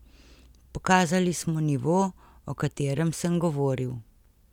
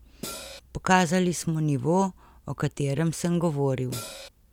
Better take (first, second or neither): first